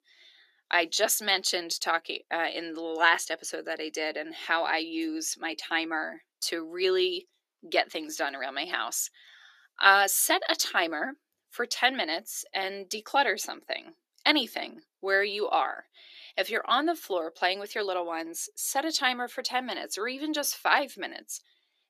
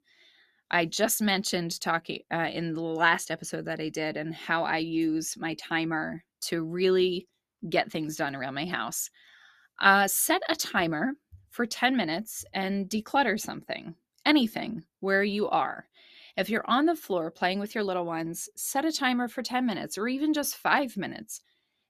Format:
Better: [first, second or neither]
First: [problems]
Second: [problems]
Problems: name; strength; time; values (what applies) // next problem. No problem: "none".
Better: second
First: thin; somewhat; fading below 350 Hz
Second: none